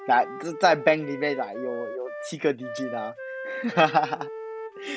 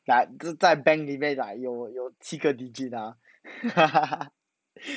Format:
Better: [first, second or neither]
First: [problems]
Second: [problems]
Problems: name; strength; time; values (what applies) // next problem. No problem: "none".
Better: second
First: background sound (Wind instrument, woodwind instrument); 11 dB below the speech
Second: none